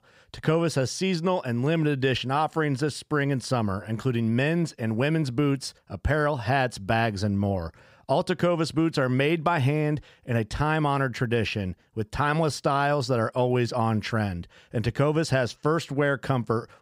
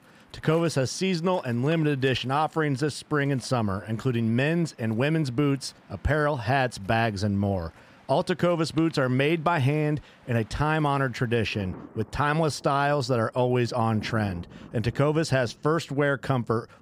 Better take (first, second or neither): first